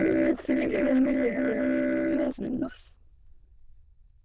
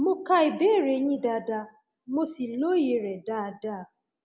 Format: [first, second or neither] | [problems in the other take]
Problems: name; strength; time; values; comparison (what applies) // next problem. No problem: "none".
second | noise reduction (neural diffusion model UNIVERSE++)